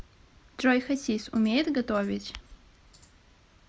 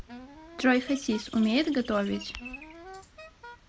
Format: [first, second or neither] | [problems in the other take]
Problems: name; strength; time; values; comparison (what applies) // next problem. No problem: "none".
first | background sound (Bird + Wind instrument, woodwind instrument); 16 dB below the speech